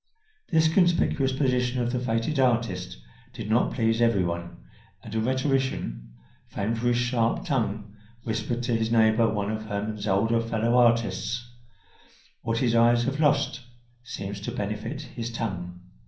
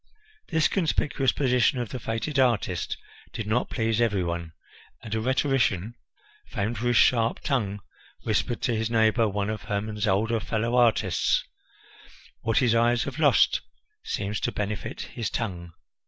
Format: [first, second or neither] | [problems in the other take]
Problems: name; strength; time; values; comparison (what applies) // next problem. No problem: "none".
second | room echo; dies away in 0.6 s